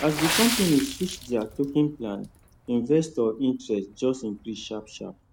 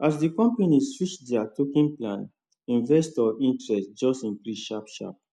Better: second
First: background sound (Water / Splash, splatter); 8 dB below the speech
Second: none

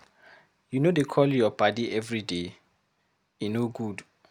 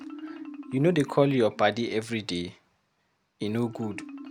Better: first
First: none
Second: background sound (Marimba, xylophone); 16 dB below the speech

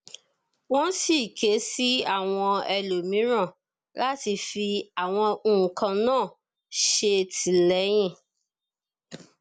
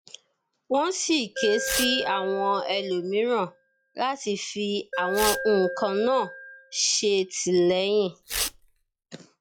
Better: first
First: none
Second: noise reduction (classical method log-MMSE)

